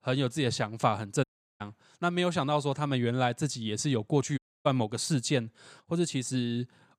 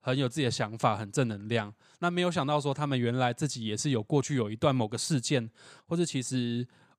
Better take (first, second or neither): second